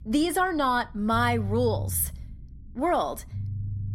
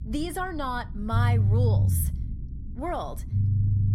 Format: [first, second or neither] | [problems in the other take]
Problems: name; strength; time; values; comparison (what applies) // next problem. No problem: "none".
first | low rumble; loud; throughout; 7 dB below the speech; faint in the first